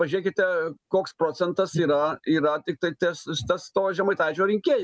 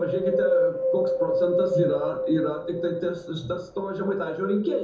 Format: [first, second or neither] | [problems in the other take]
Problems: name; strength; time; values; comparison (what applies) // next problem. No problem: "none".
first | background sound (Wind); 1 dB above the speech // room echo; dies away in 0.5 s